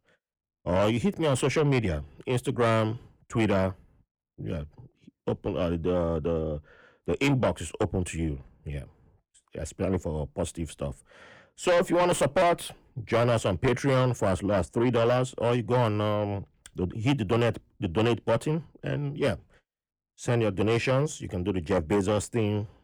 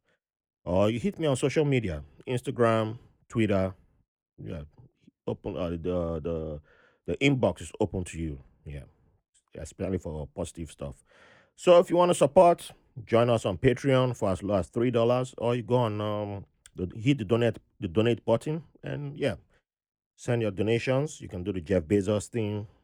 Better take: second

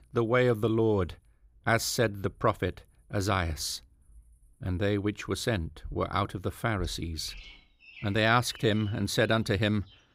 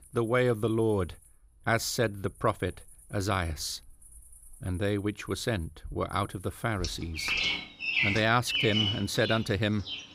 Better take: first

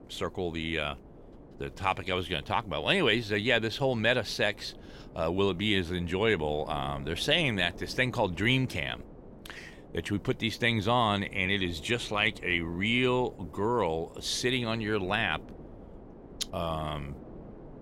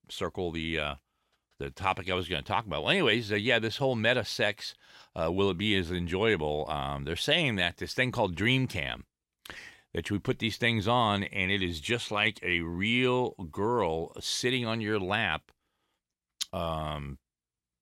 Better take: second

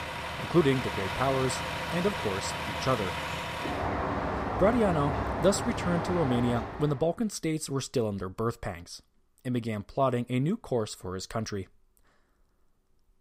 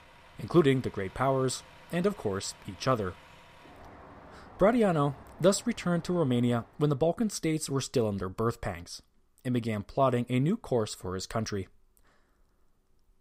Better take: second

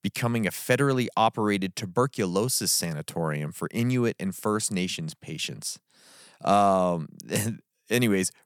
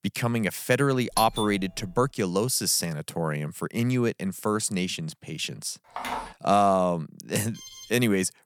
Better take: first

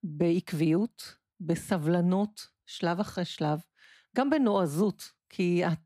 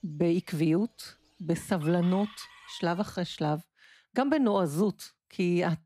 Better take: first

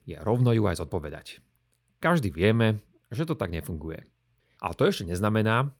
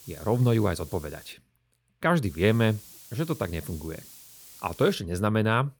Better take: first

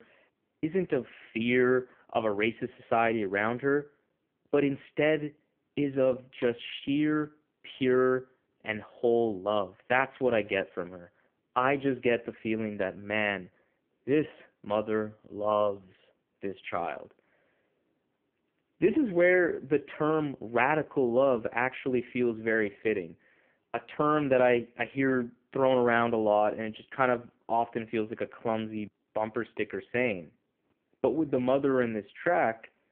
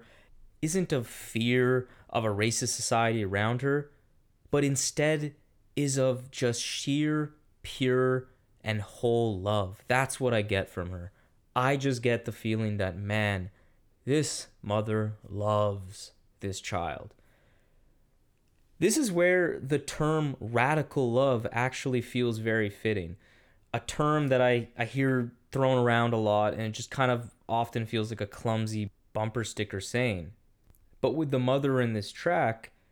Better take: second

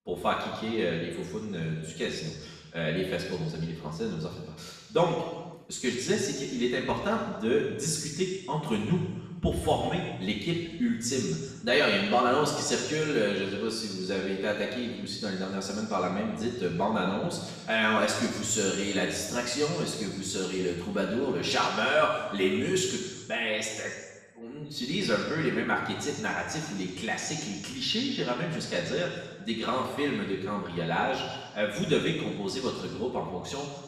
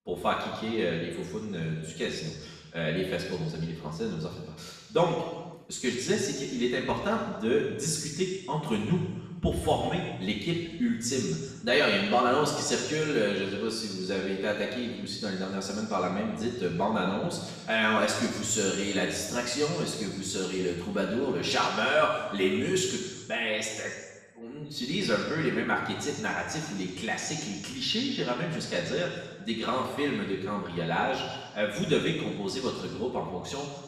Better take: neither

